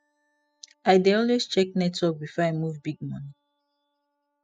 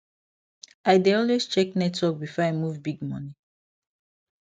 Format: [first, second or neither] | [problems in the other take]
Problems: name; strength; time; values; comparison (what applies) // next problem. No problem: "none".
second | noise reduction (classical method spectral subtraction)